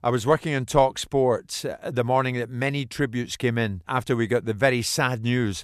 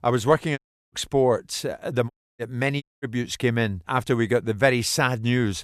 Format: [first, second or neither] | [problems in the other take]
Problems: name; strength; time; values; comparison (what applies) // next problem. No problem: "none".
first | audio cutting out; at 0.5 s, at 2 s and at 3 s